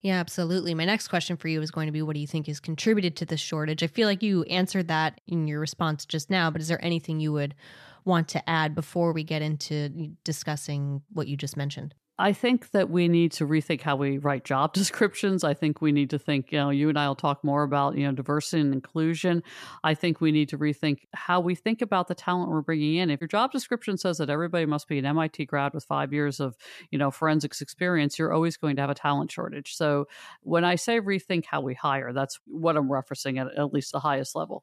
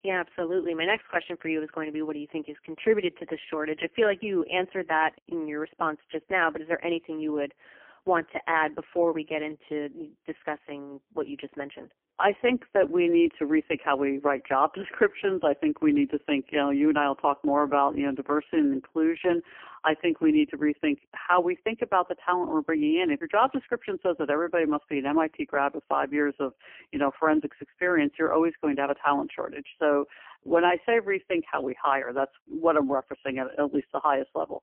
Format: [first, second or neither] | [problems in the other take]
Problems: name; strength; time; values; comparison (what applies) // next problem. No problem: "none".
first | phone-call audio; poor line; nothing above 3 kHz